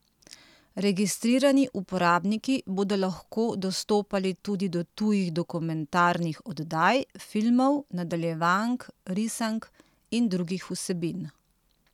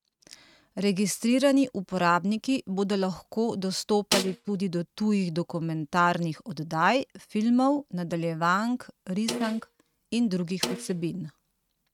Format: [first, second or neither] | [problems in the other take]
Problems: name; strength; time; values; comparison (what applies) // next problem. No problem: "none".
first | noise reduction (neural mask model RNNoise)